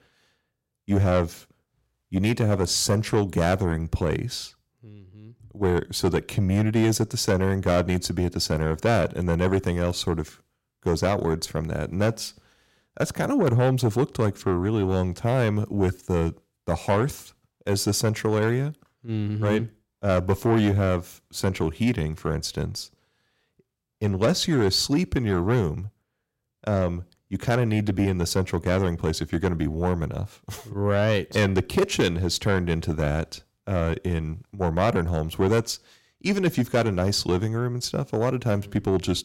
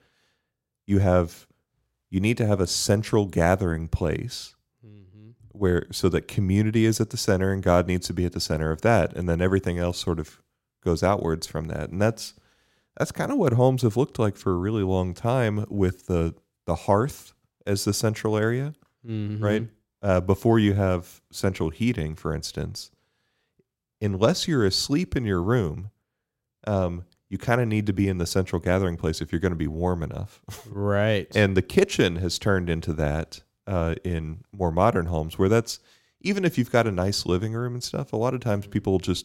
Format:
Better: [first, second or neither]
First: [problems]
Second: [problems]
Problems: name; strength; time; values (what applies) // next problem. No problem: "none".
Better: second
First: distortion; slight; 10 dB below the speech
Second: none